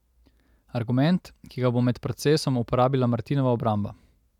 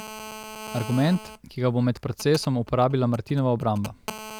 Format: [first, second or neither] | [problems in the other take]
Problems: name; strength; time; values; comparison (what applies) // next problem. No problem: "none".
first | background sound (Telephone); 15 dB below the speech